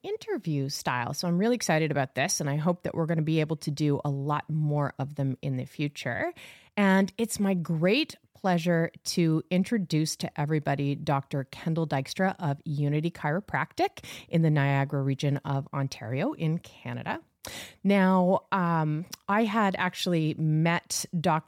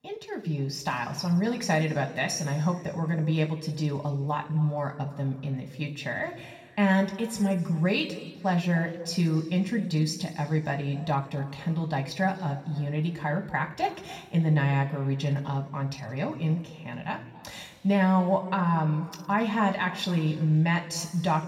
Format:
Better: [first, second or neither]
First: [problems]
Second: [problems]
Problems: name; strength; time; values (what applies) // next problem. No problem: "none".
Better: first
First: none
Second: room echo; slight; dies away in 1.8 s // off-mic speech; somewhat distant